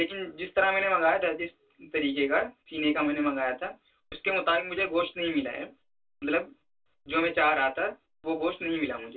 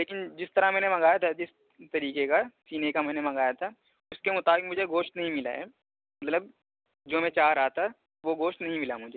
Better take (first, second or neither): second